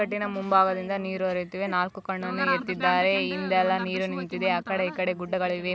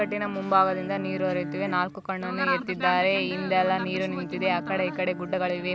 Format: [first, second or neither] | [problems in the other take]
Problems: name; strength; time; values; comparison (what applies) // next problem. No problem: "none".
first | background sound (Bowed string instrument); 12 dB below the speech